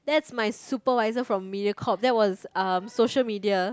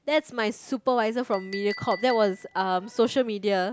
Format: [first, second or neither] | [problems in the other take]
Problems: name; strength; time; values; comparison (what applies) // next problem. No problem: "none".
first | background sound (Chink, clink); 19 dB below the speech